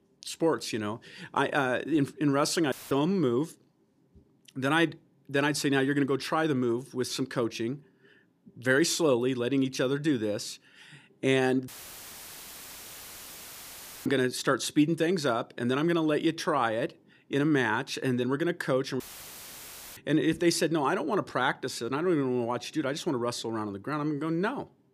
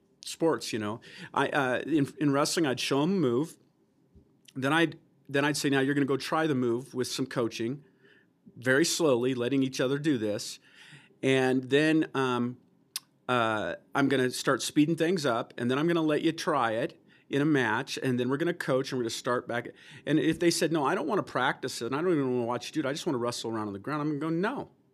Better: second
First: audio cutting out; filled with static; at 2.5 s, at 12 s for 2.5 s and at 19 s for 1 s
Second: none

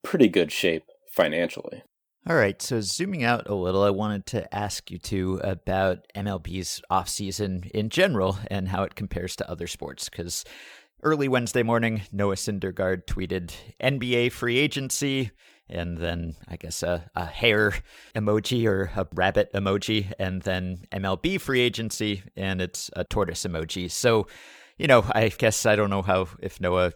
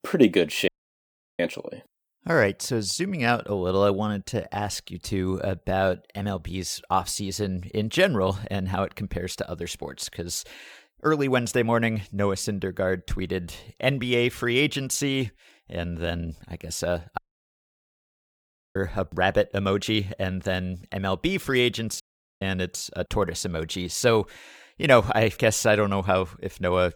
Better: first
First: none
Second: audio cutting out; at 0.5 s for 0.5 s, at 17 s for 1.5 s and at 22 s

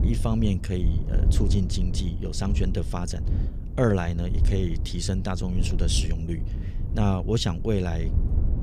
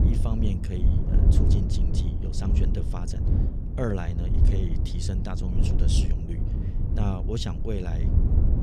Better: first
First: wind noise on the microphone; occasional gusts; 10 dB below the speech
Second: wind noise on the microphone; heavy; 2 dB below the speech

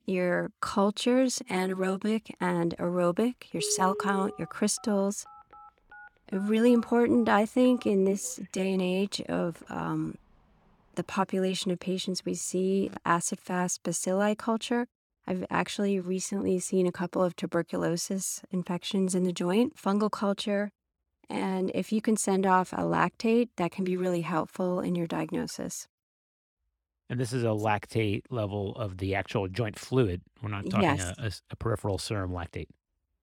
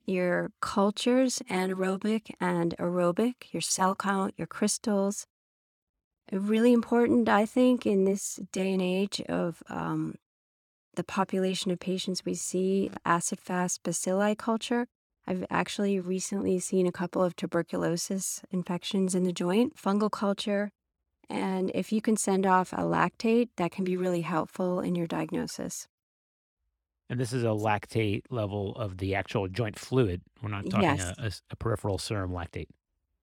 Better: second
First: phone ringing; noticeable; from 3.5 to 10 s; peak 7 dB below the speech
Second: none

